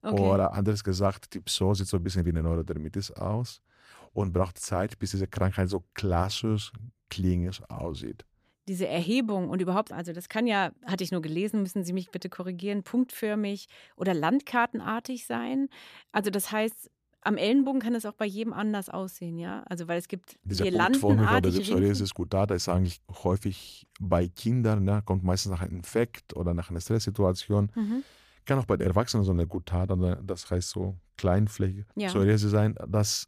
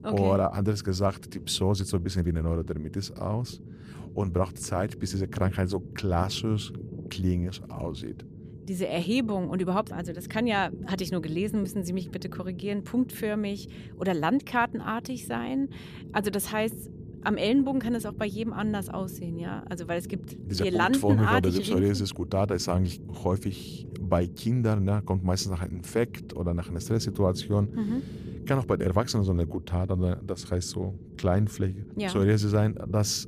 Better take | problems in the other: first | low rumble; noticeable; throughout; 20 dB below the speech

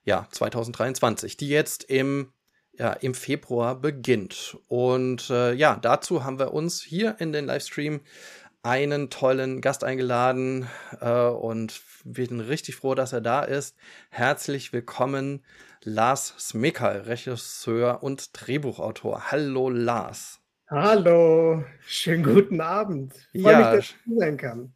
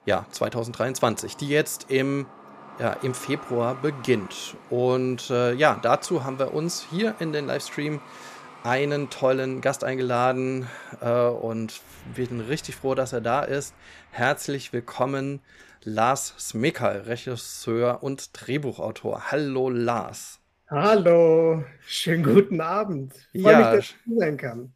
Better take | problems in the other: first | traffic noise; faint; throughout; 20 dB below the speech

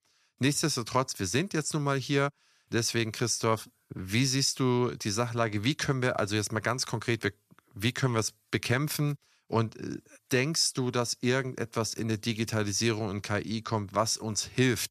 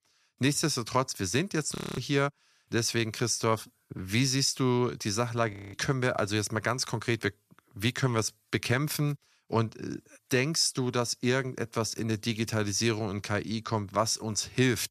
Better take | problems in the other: first | audio freezing; at 2 s and at 5.5 s

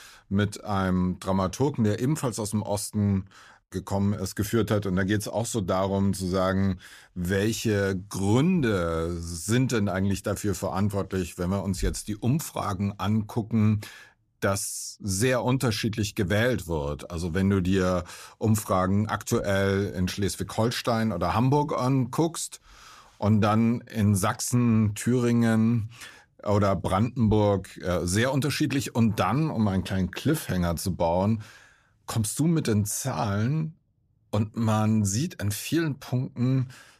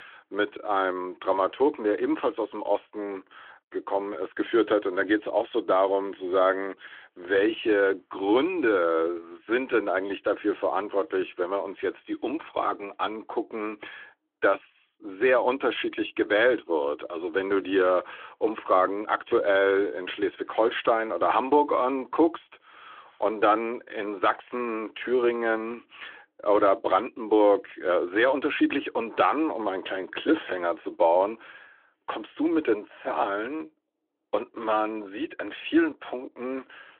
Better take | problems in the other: first | phone-call audio

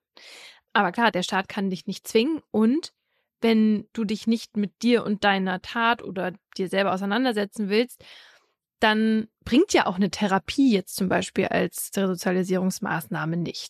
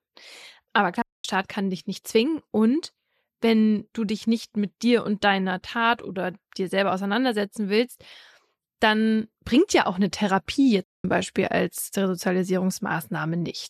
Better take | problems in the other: first | audio cutting out; at 1 s and at 11 s

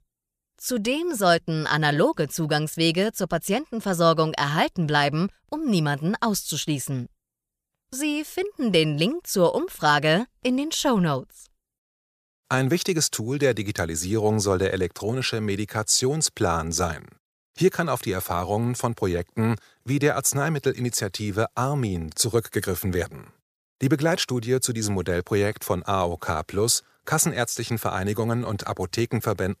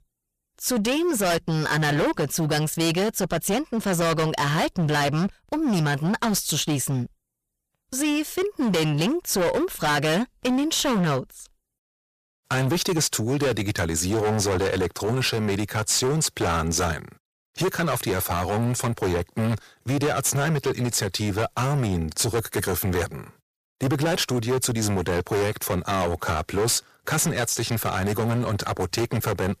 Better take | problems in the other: first | distortion; heavy; 20% of the sound clipped

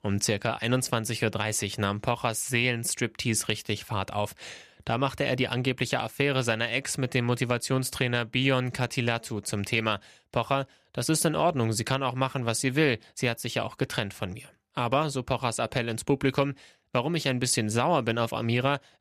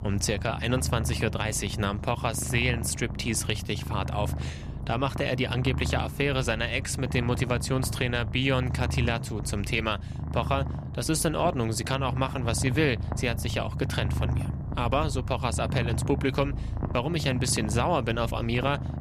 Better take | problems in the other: first | animal sounds; loud; throughout; 4 dB below the speech

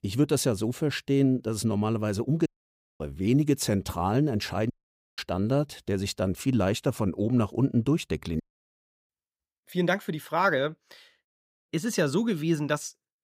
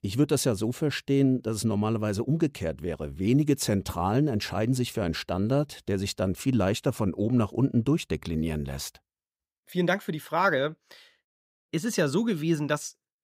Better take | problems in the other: second | audio cutting out; at 2.5 s for 0.5 s, at 4.5 s and at 8.5 s for 0.5 s

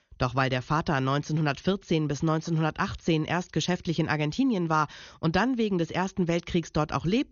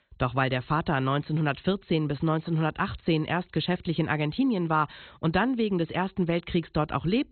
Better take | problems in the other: first | garbled, watery; badly; nothing above 4 kHz; slightly in the first

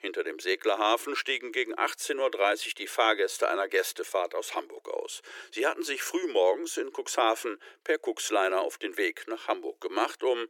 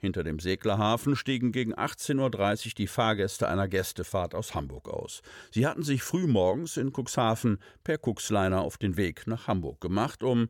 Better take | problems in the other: second | thin; very; fading below 350 Hz

